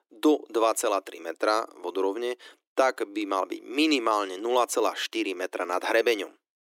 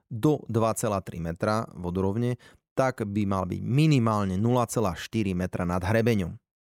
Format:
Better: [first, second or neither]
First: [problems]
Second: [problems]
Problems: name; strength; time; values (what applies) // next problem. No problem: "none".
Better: second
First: thin; very; fading below 300 Hz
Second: none